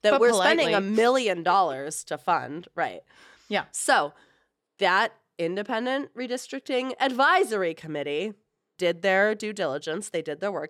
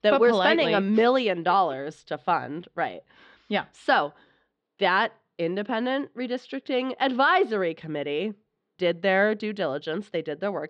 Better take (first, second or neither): first